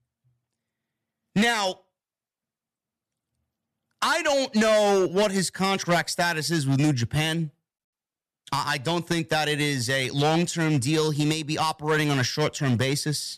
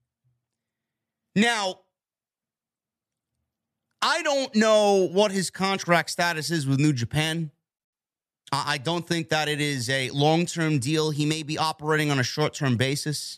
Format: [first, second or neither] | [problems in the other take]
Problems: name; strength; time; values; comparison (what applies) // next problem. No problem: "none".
second | distortion; slight; 5% of the sound clipped